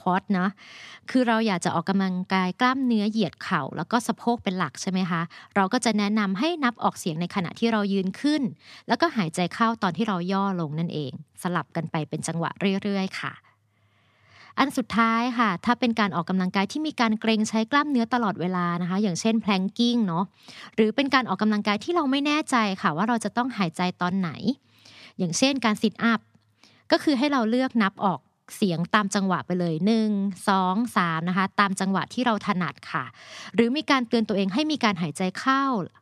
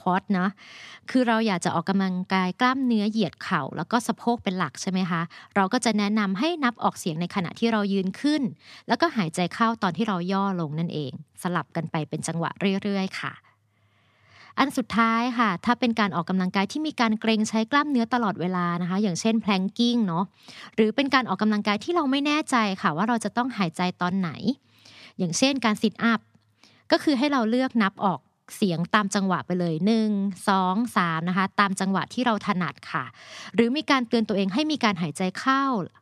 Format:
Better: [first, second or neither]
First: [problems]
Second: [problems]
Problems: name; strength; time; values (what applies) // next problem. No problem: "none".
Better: neither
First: none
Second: none